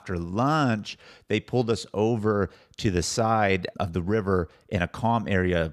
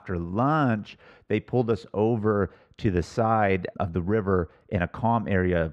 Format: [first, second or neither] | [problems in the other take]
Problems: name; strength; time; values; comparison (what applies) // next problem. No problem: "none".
first | muffled; very; fading above 3.5 kHz